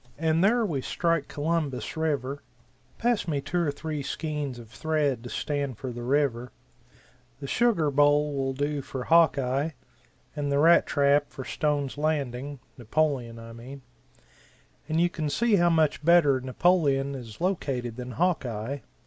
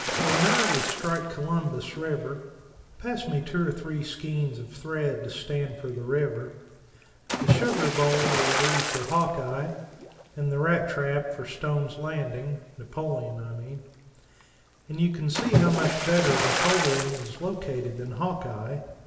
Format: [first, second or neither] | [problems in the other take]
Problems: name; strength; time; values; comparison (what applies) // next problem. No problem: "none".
first | background sound (Splash, splatter); 3 dB below the speech // room echo; dies away in 1.4 s